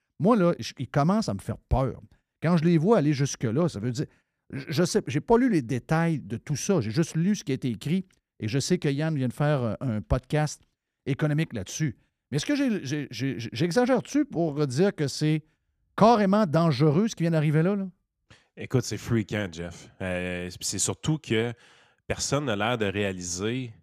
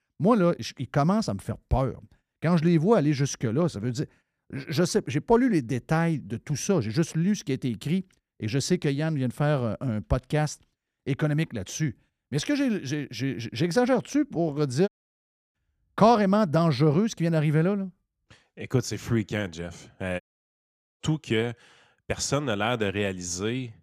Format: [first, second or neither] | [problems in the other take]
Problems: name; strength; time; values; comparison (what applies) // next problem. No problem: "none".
first | audio cutting out; at 15 s for 0.5 s and at 20 s for 1 s